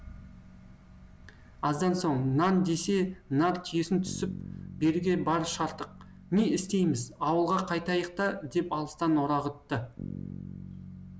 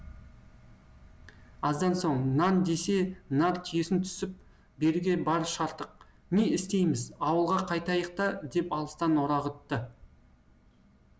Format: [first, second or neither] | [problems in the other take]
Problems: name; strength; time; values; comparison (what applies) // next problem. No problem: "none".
second | background sound (Bass guitar); 17 dB below the speech